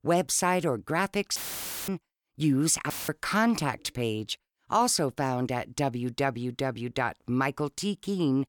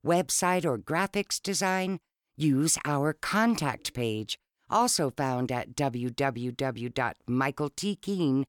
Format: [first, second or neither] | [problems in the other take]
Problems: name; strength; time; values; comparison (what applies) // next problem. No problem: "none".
second | audio cutting out; filled with static; at 1.5 s for 0.5 s and at 3 s